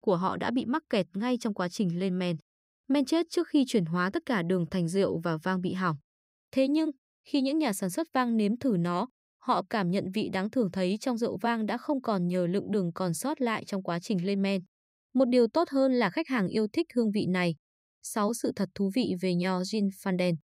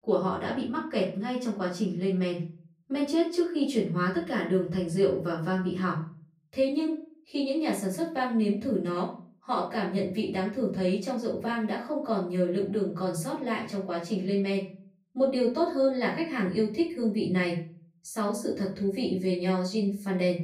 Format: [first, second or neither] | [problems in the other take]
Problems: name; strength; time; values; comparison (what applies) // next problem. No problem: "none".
first | off-mic speech; far // room echo; slight; dies away in 0.4 s